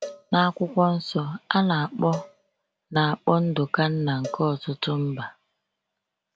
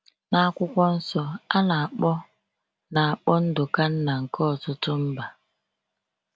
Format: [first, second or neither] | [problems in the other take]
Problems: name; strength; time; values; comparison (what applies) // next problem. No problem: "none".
second | background sound (Cowbell); 19 dB below the speech